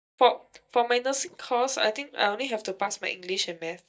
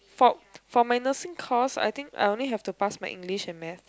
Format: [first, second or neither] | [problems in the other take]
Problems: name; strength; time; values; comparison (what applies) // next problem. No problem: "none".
second | noise reduction (neural mask model DeepFilterNet 3)